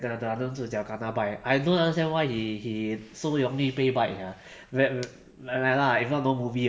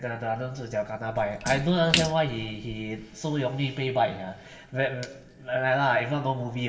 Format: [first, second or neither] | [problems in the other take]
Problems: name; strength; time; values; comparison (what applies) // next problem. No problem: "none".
first | background sound (Splash, splatter); 8 dB below the speech // room echo; dies away in 1.8 s